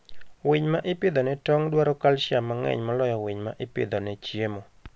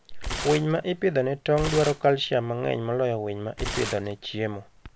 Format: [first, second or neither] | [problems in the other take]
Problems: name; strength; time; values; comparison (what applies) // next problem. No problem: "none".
first | background sound (Tearing); 10 dB below the speech